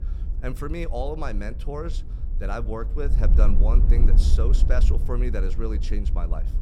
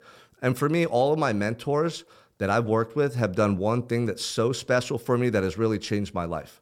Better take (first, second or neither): second